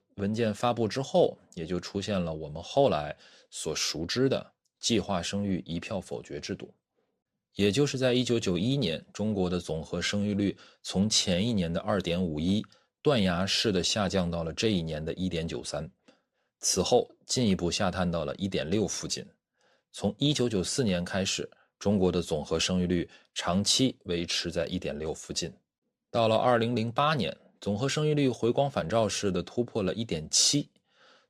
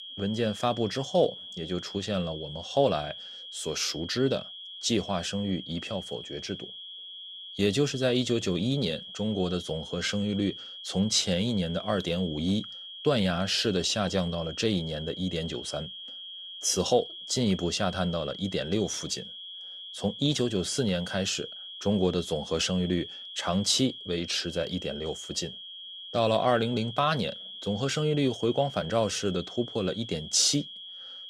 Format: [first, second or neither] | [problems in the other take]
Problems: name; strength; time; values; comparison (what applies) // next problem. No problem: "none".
first | high-pitched whine; noticeable; throughout; 3.5 kHz, 10 dB below the speech